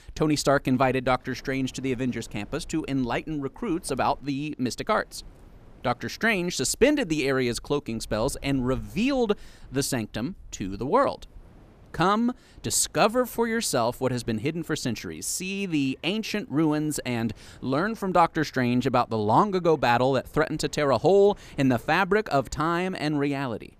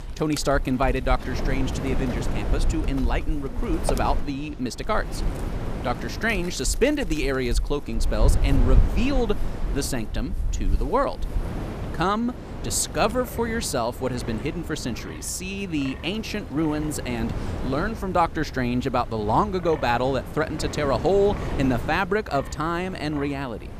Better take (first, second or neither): first